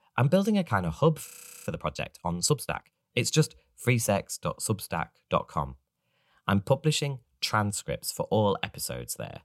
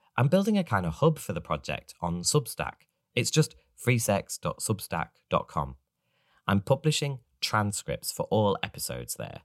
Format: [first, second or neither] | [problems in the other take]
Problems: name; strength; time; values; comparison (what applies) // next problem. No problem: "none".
second | audio freezing; at 1.5 s